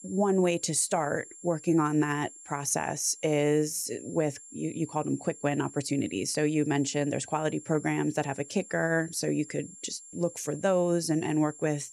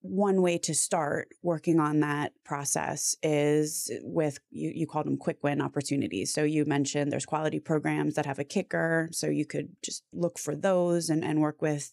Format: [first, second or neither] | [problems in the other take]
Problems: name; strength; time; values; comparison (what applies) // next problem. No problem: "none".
second | high-pitched whine; noticeable; throughout; 7.5 kHz, 15 dB below the speech